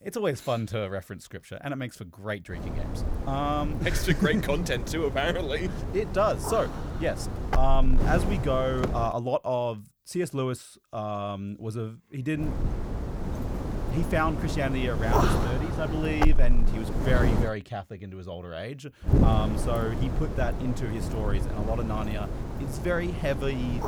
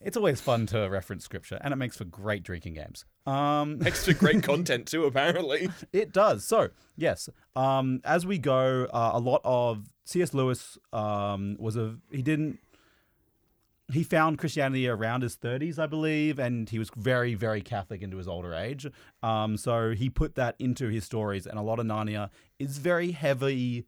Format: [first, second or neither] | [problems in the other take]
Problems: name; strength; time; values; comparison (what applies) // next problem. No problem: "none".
second | wind noise on the microphone; heavy; from 2.5 to 9 s, from 12 to 17 s and from 19 s on; 5 dB below the speech